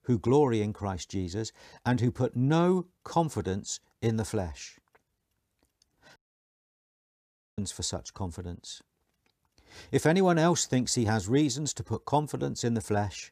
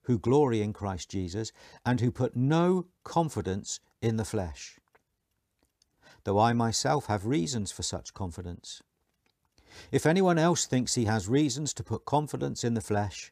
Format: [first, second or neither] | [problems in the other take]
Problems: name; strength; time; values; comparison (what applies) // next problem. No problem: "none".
second | audio cutting out; at 6 s for 1.5 s